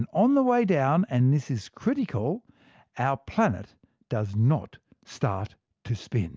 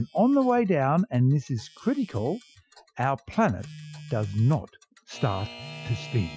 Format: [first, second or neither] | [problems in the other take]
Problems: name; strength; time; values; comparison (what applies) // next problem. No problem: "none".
first | noise reduction (classical method Wiener filter)